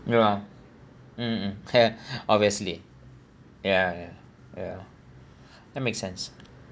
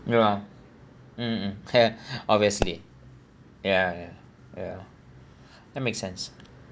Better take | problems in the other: first | background sound (Explosion); 7 dB below the speech

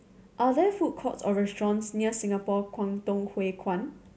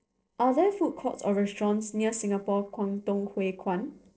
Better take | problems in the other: first | noise reduction (neural separator model SepFormer DNS4)

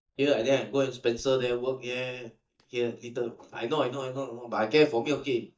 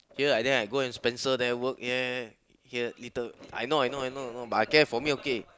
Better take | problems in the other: second | noise reduction (neural mask model DeepFilterNet 3)

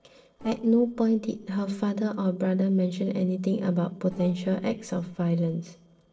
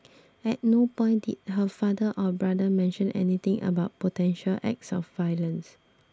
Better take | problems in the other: second | noise reduction (neural separator model SepFormer DNS4)

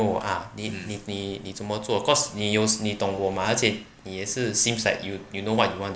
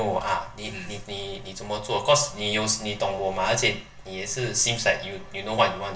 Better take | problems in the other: first | room echo; dies away in 0.1 s

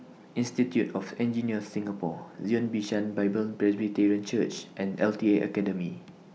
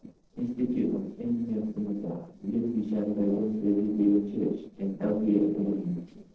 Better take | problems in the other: first | noise reduction (neural separator model SepFormer DNS4)

